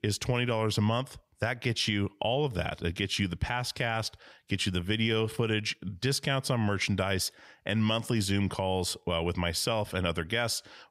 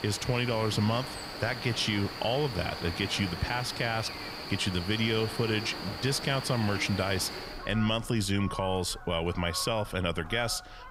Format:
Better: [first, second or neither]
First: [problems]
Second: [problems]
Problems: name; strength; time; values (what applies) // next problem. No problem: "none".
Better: first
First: none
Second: animal sounds; loud; throughout; 8 dB below the speech